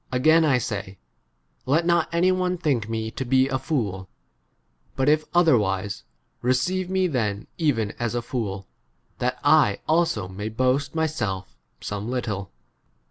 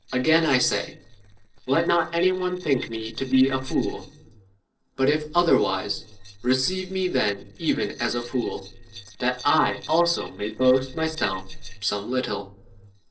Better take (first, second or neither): first